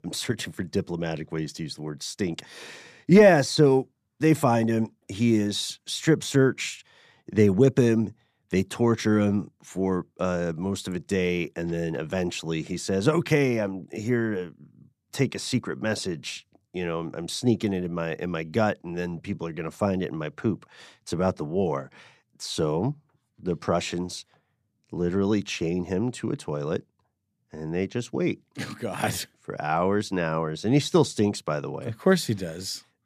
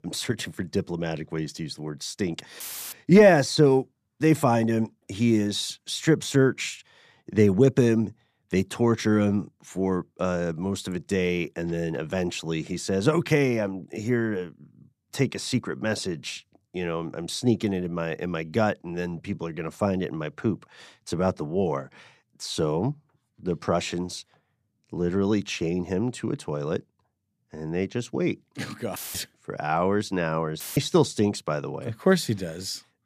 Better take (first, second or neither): first